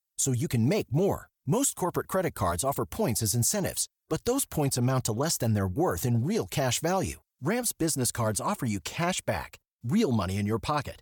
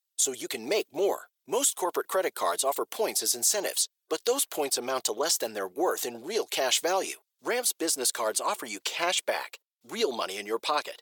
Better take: first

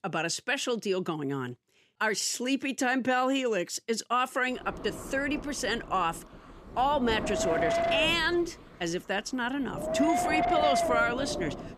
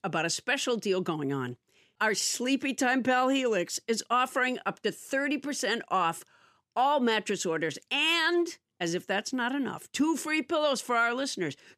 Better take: second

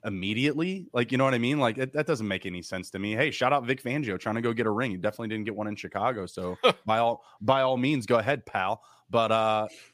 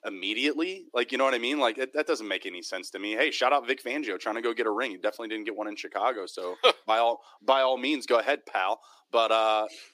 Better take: first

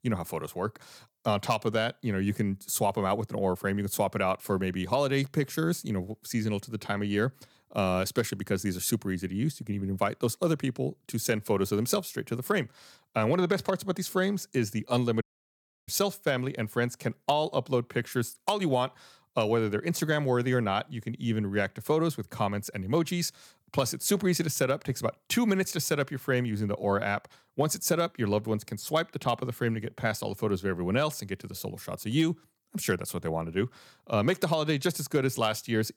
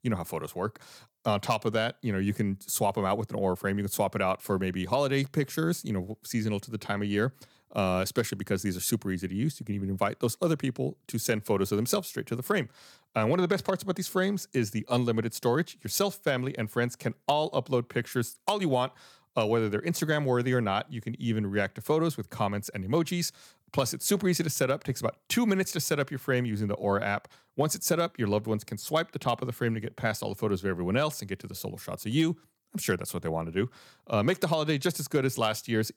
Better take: second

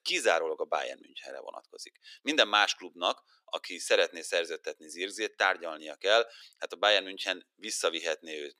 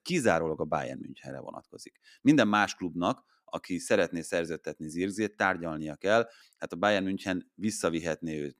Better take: second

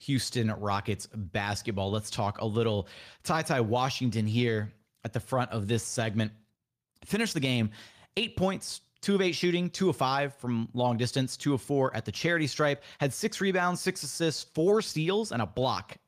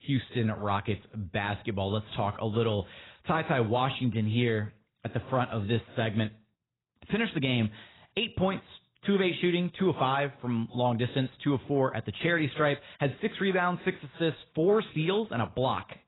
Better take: first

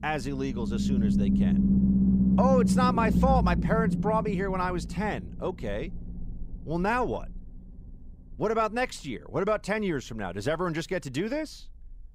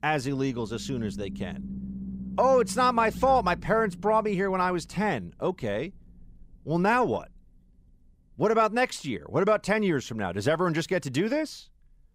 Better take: second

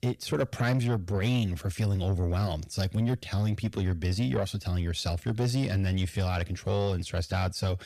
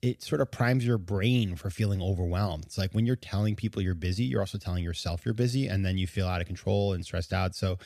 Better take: second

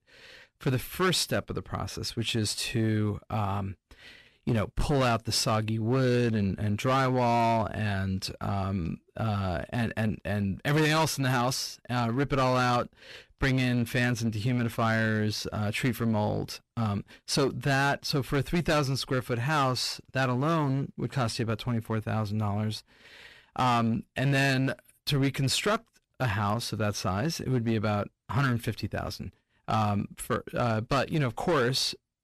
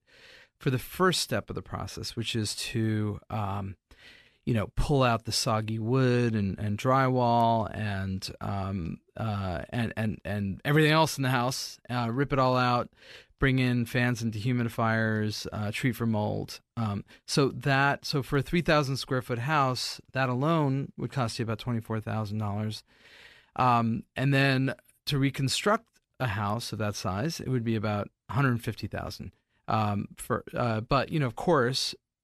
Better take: second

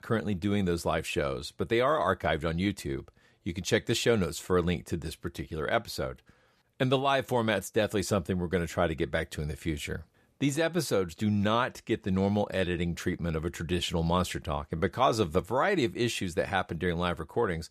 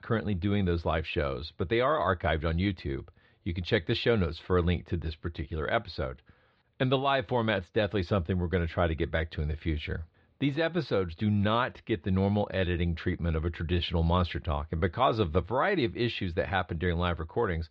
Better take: first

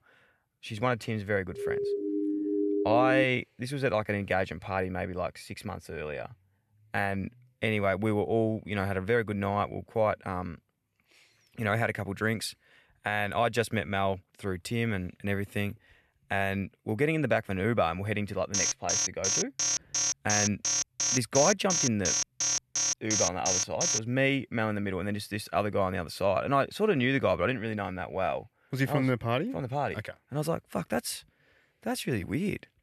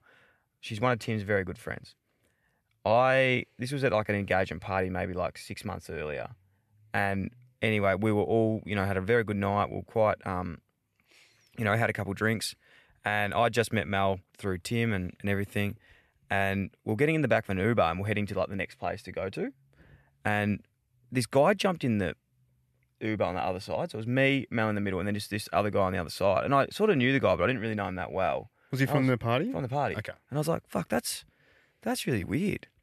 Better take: second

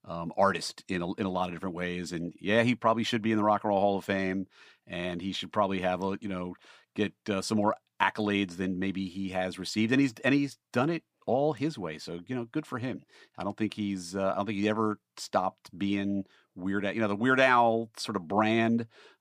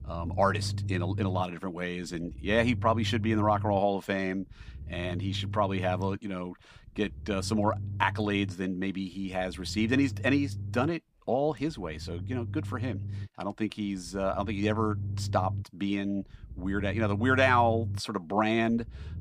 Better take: first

